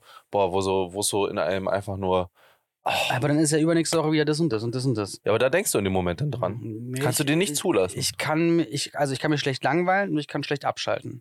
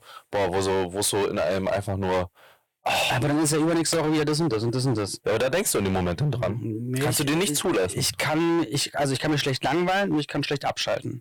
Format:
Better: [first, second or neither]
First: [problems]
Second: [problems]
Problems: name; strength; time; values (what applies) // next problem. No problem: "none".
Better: first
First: none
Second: distortion; heavy; 21% of the sound clipped